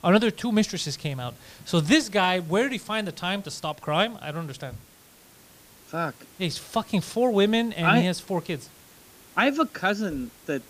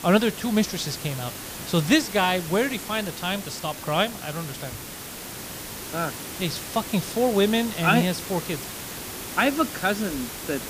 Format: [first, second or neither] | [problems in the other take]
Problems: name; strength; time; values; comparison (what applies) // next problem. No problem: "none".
first | hiss; loud; throughout; 9 dB below the speech; faint in the first